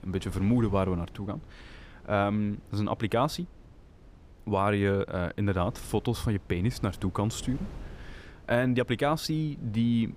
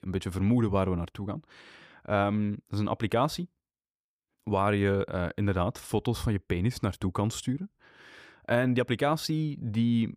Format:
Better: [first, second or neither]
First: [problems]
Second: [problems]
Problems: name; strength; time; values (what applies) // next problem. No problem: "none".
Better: second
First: wind noise on the microphone; occasional gusts; 25 dB below the speech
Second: none